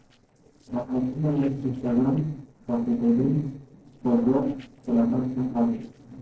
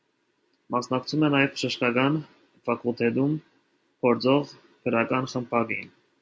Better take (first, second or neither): second